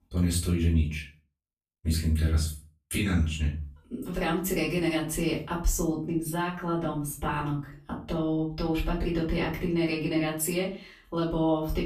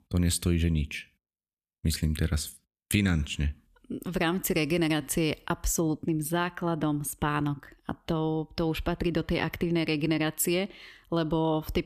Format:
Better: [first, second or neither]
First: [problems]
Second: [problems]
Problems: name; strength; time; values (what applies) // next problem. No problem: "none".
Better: second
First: off-mic speech; far // room echo; slight; dies away in 0.3 s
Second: none